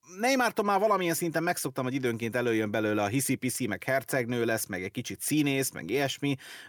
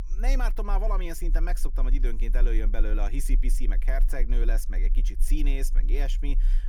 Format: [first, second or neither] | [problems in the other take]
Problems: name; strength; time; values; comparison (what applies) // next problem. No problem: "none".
first | low rumble; noticeable; throughout; 20 dB below the speech